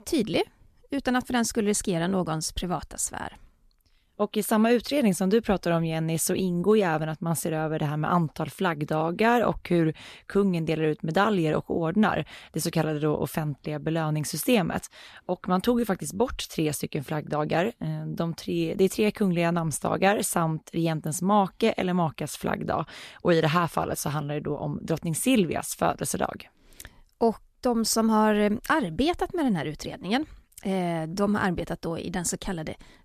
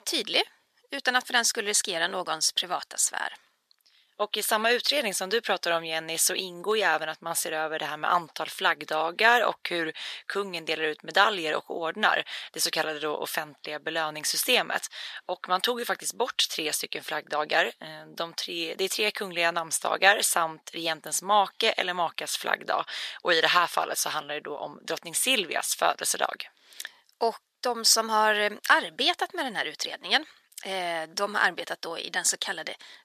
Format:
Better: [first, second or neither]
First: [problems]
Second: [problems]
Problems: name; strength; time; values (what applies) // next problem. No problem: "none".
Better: first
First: none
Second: thin; very; fading below 650 Hz